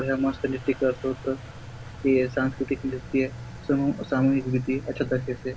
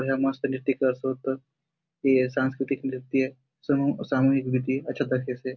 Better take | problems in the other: second | background sound (Engine); 14 dB below the speech

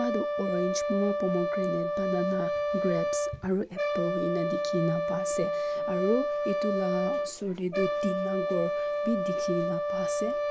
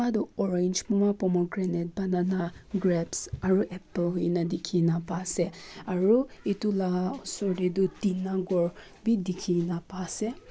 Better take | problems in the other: second | background sound (Brass instrument); 2 dB above the speech

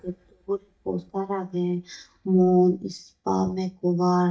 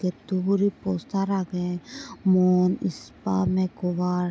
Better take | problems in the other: second | noise reduction (neural mask model DeepFilterNet 3)

